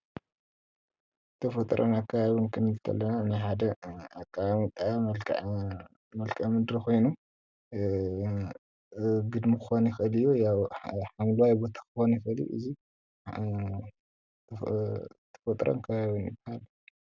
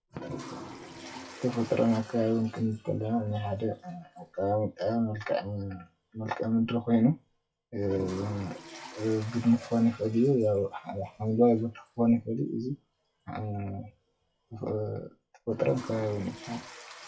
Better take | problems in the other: first | noise reduction (classical method WPE with log-MMSE)

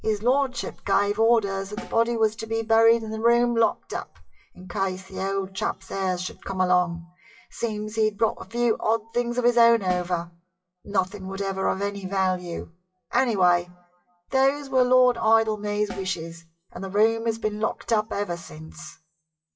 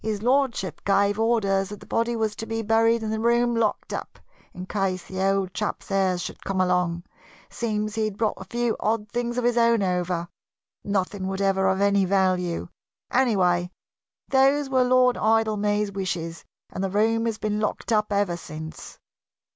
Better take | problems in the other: second | noise reduction (classical method WPE with log-MMSE)

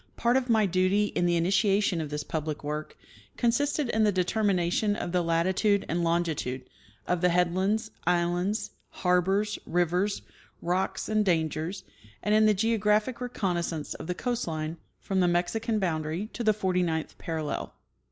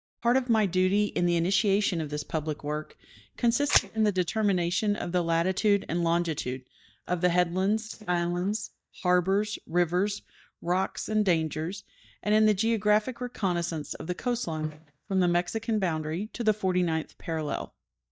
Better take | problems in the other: first | noise reduction (neural mask model DeepFilterNet 3)

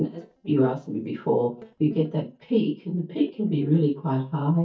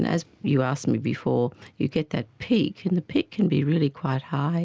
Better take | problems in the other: second | noise reduction (neural mask model DeepFilterNet 3)

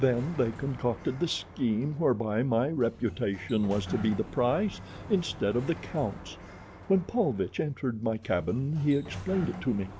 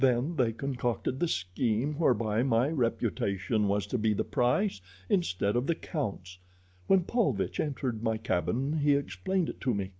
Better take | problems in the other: second | background sound (Sliding door); 14 dB below the speech

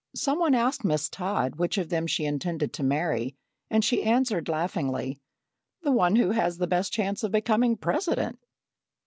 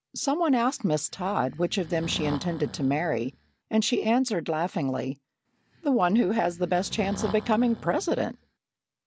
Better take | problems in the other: first | background sound (Breathing); 15 dB below the speech

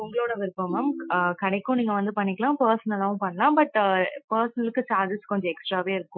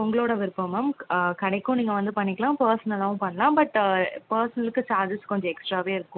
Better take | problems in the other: second | noise reduction (classical method Wiener filter)

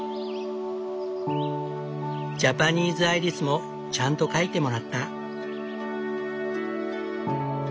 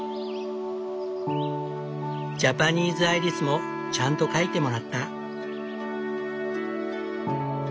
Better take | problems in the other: first | background sound (Wind instrument, woodwind instrument); 9 dB below the speech

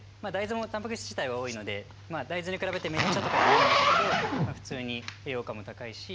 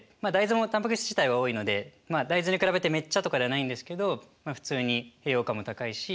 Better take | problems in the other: second | background sound (Zipper (clothing)); 5 dB above the speech

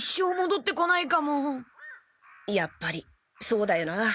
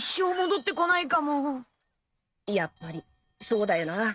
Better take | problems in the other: first | noise reduction (neural mask model RNNoise)

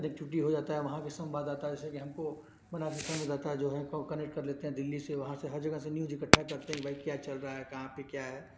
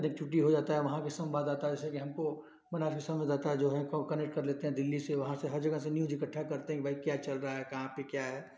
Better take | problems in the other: second | background sound (Fireworks); 2 dB below the speech

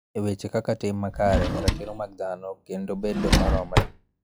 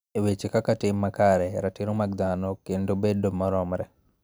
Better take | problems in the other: second | noise reduction (classical method log-MMSE)

